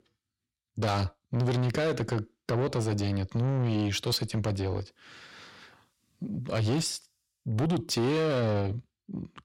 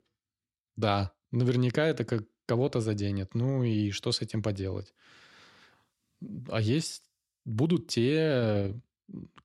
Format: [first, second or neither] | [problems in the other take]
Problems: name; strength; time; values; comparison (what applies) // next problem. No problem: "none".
second | distortion; heavy; 7 dB below the speech